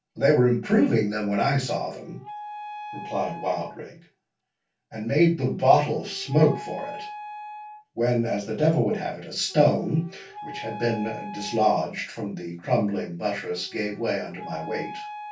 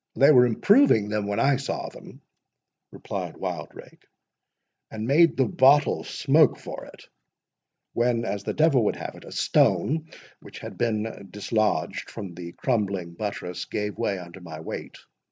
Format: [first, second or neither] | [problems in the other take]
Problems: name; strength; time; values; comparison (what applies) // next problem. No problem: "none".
second | background sound (Wind instrument, woodwind instrument); 16 dB below the speech // room echo; dies away in 0.2 s